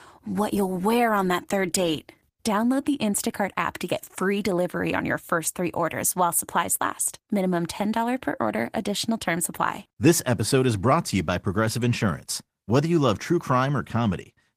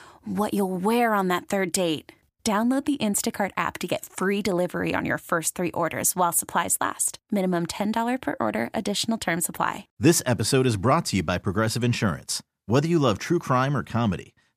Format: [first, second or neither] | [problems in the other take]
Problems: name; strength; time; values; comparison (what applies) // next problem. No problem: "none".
second | garbled, watery; slightly; nothing above 15 kHz